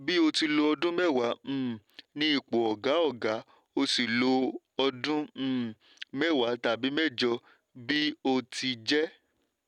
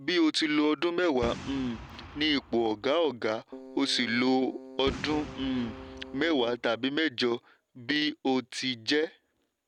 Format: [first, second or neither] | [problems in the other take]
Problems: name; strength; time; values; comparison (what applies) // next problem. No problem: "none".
first | background sound (Boom + Keyboard (musical)); 14 dB below the speech